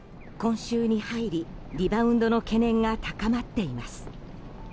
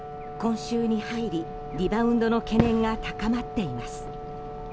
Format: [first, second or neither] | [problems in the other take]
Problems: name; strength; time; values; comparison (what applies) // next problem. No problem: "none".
first | background sound (Wind instrument, woodwind instrument + Fireworks); 8 dB below the speech